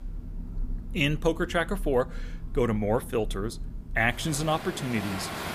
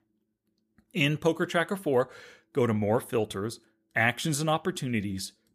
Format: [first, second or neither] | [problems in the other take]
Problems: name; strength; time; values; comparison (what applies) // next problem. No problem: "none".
second | rain or running water; noticeable; throughout; 10 dB below the speech